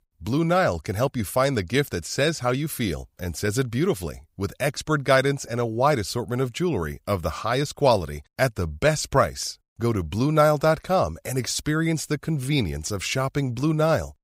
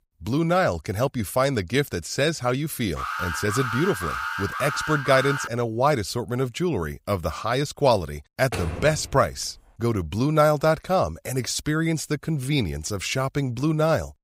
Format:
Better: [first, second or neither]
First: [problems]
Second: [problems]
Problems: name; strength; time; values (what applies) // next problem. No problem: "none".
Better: first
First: none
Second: alarm; noticeable; from 3 to 5.5 s; peak 4 dB below the speech // door banging; noticeable; at 8.5 s; peak 7 dB below the speech